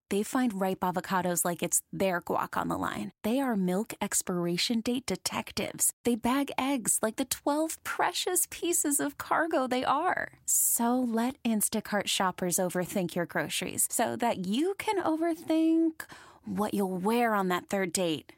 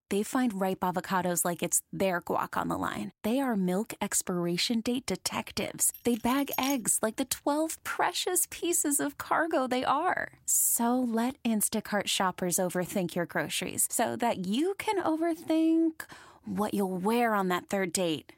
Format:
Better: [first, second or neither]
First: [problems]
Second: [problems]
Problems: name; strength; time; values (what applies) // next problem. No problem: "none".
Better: first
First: none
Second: jangling keys; noticeable; at 6 s; peak 7 dB below the speech